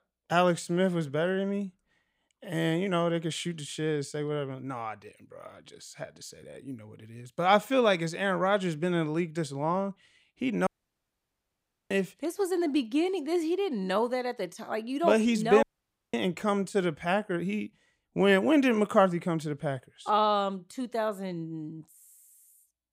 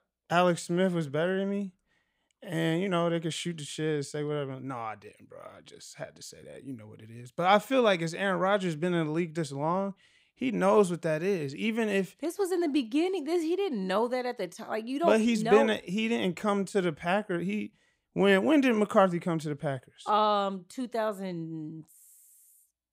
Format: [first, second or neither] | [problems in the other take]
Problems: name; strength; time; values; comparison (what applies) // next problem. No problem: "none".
second | audio cutting out; at 11 s for 1 s and at 16 s